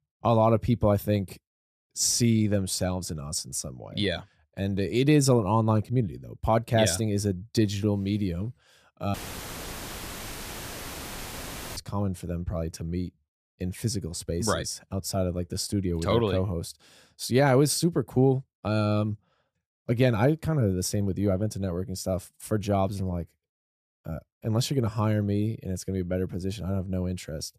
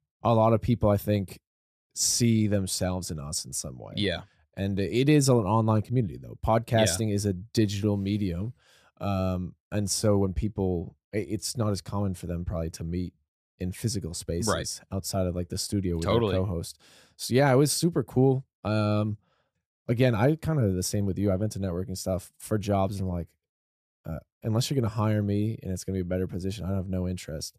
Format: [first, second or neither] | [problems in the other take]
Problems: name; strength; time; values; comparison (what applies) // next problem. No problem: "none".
second | audio cutting out; filled with static; at 9 s for 2.5 s